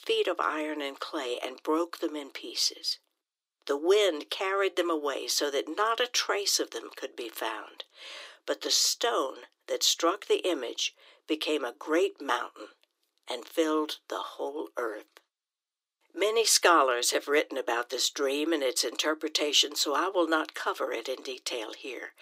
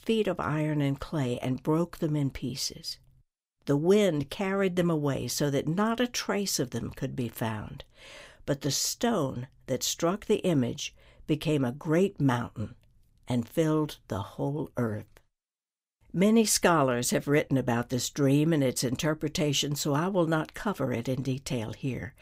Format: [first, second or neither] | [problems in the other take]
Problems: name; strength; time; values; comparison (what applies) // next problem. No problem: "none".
second | thin; very; fading below 300 Hz